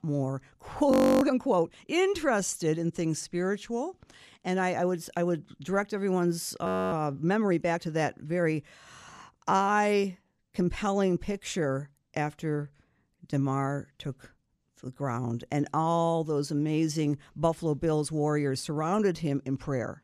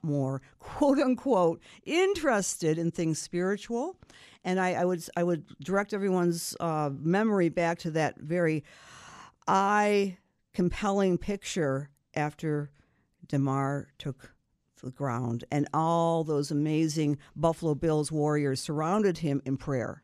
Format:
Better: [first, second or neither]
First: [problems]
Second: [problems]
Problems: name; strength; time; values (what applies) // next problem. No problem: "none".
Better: second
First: audio freezing; at 1 s and at 6.5 s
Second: none